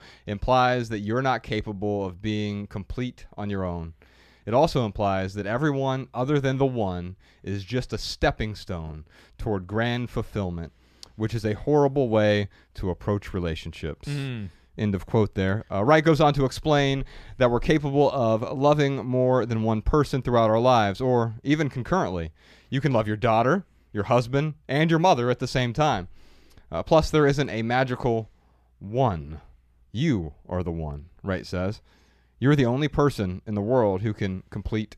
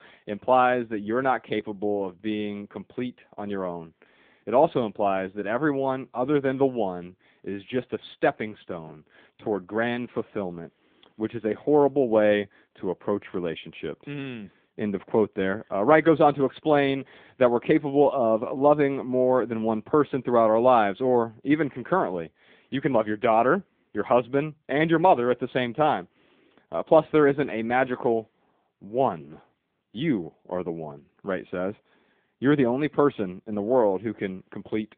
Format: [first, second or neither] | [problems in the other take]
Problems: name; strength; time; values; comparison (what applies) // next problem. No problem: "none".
first | phone-call audio; nothing above 3.5 kHz